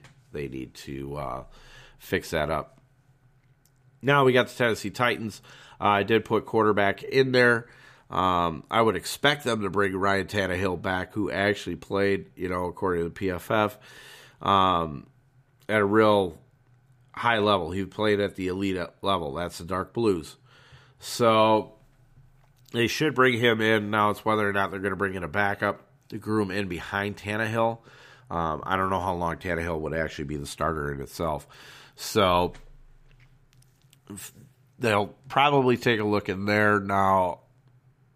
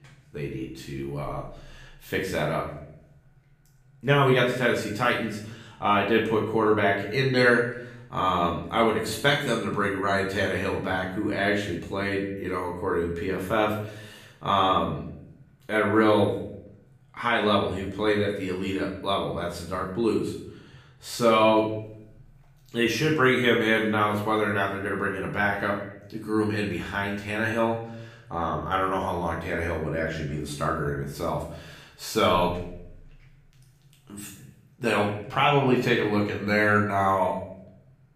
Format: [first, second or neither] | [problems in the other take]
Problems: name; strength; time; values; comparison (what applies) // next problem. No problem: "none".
first | room echo; noticeable; dies away in 0.6 s // off-mic speech; far